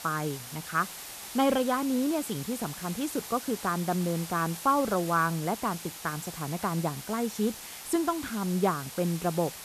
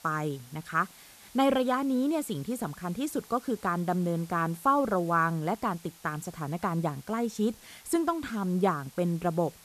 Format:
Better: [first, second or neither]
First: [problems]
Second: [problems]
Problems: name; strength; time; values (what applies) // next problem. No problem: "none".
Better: second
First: hiss; loud; throughout; 10 dB below the speech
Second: hiss; faint; throughout; 20 dB below the speech